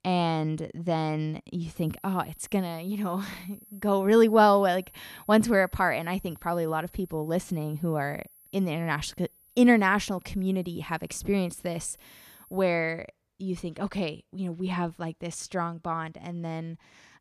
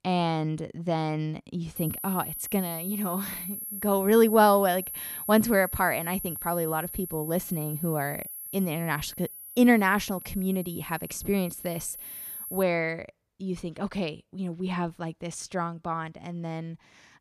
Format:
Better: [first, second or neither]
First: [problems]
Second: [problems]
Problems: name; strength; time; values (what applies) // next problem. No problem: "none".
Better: first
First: high-pitched whine; faint; from 2 to 13 s; 11.5 kHz, 25 dB below the speech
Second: high-pitched whine; loud; from 2 to 13 s; 11.5 kHz, 8 dB below the speech